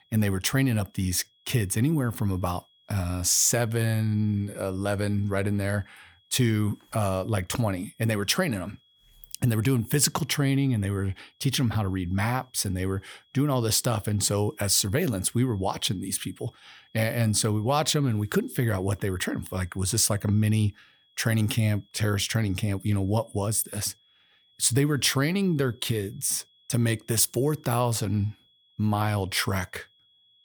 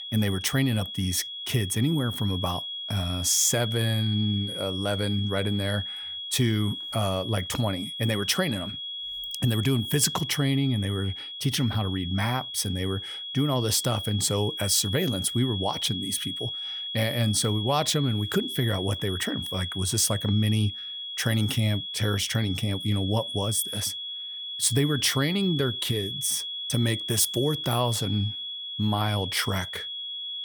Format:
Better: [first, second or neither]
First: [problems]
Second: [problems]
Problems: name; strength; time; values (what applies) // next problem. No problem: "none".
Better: first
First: high-pitched whine; faint; throughout; 3.5 kHz, 35 dB below the speech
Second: high-pitched whine; loud; throughout; 3.5 kHz, 6 dB below the speech